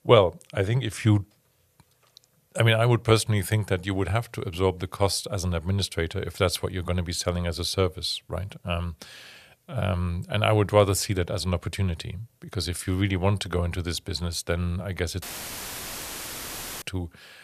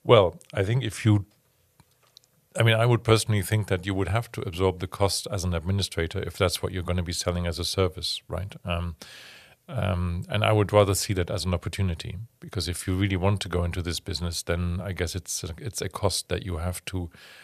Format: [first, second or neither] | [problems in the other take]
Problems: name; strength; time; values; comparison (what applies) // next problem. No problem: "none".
second | audio cutting out; filled with static; at 15 s for 1.5 s